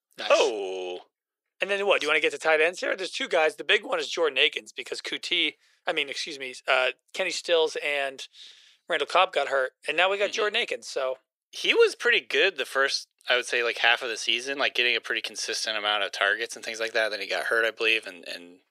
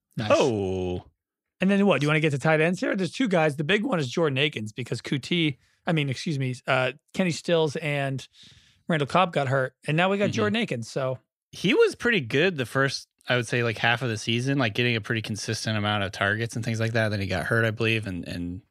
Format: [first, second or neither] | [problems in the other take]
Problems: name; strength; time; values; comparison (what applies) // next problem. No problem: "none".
second | thin; very; fading below 450 Hz